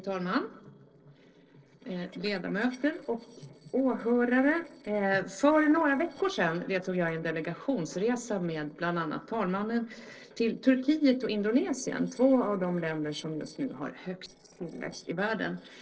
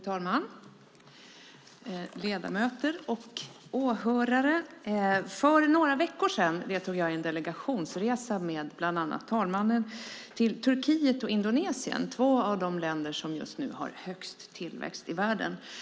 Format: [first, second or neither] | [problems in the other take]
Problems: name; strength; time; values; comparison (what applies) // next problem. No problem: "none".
second | noise reduction (neural separator model SepFormer DNS4)